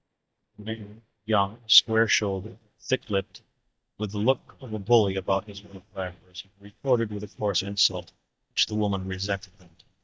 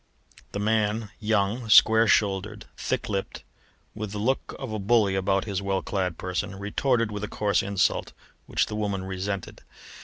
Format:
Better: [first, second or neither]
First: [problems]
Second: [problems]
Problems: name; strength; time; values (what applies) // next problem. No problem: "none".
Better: second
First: noise reduction (neural mask model DeepFilterNet 3)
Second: none